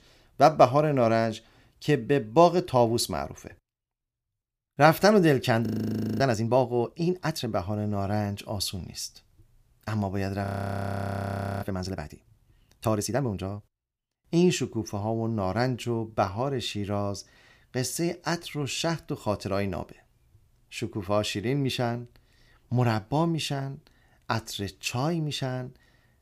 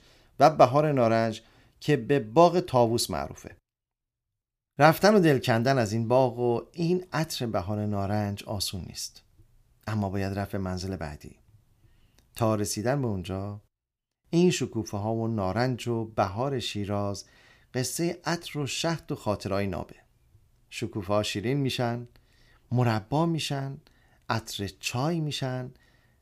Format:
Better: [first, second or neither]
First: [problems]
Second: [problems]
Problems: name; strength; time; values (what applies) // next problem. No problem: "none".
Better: second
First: audio freezing; at 5.5 s for 0.5 s and at 10 s for 1 s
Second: none